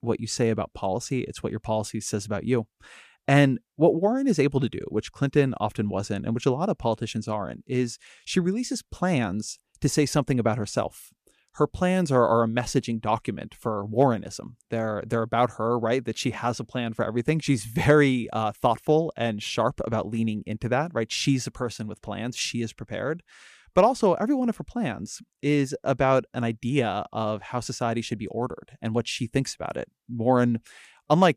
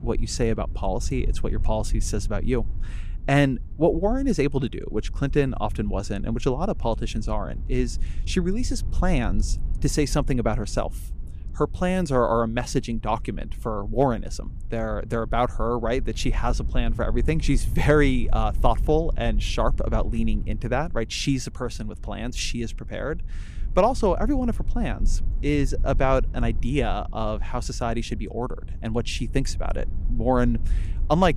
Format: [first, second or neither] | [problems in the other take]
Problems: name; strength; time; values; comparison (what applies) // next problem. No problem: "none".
first | low rumble; faint; throughout; 25 dB below the speech